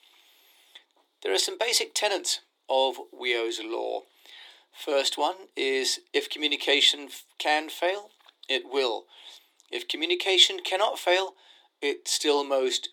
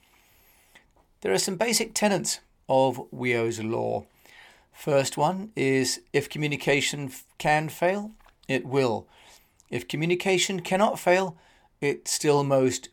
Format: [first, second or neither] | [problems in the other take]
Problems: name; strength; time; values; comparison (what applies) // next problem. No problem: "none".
second | thin; somewhat; fading below 300 Hz